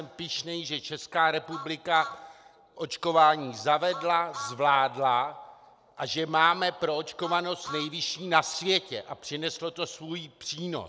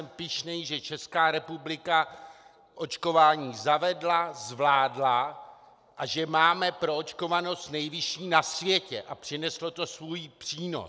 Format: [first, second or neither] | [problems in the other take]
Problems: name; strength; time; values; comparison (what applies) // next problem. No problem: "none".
second | background sound (Truck); 15 dB below the speech